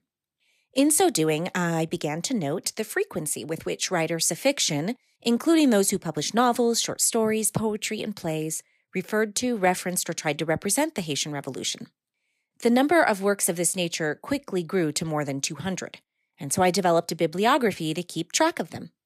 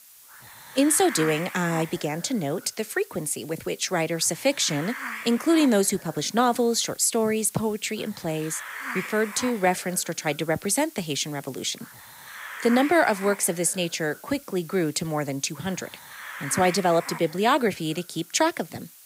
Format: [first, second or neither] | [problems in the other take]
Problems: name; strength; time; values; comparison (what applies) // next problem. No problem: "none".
first | hiss; noticeable; throughout; 15 dB below the speech